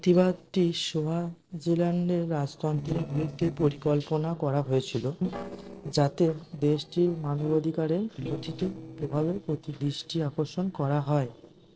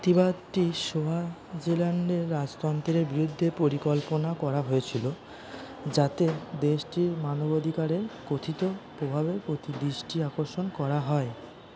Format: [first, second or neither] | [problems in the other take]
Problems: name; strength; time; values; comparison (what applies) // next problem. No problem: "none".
second | noise reduction (neural separator model SepFormer DNS4)